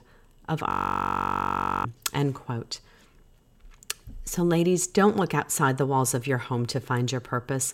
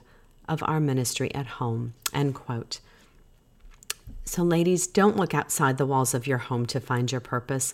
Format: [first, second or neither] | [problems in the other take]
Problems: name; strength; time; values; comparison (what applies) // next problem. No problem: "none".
second | audio freezing; at 0.5 s for 1 s